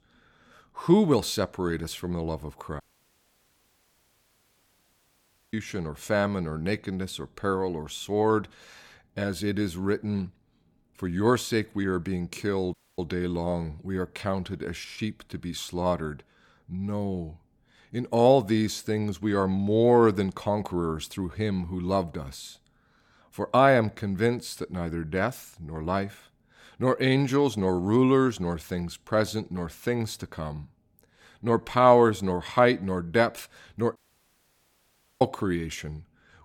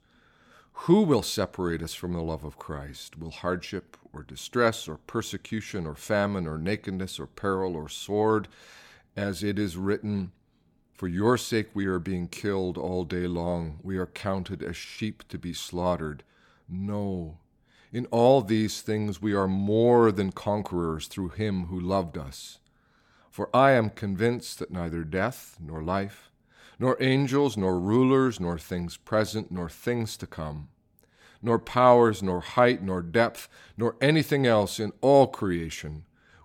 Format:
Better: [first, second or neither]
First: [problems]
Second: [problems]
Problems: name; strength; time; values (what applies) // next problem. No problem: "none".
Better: second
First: audio cutting out; at 3 s for 2.5 s, at 13 s and at 34 s for 1.5 s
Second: none